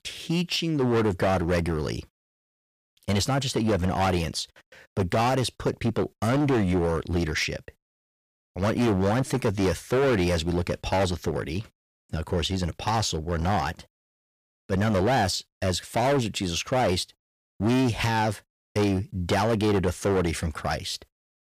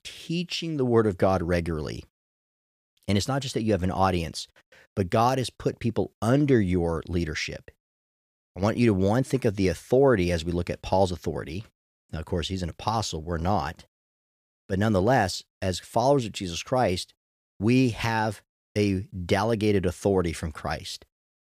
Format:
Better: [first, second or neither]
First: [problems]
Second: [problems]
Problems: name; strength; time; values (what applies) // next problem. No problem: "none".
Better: second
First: distortion; heavy; 13% of the sound clipped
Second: none